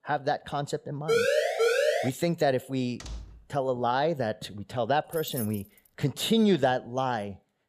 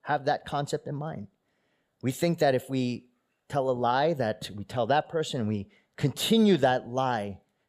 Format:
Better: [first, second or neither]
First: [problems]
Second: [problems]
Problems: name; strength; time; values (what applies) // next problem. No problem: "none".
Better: second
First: siren; loud; from 1 to 2 s; peak 5 dB above the speech // door banging; faint; at 3 s; peak 15 dB below the speech // jangling keys; noticeable; at 5 s; peak 9 dB below the speech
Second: none